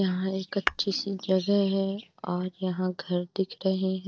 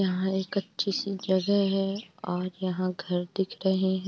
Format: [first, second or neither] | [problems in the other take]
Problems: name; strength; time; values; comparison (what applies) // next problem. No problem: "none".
second | noise reduction (neural mask model DeepFilterNet 3)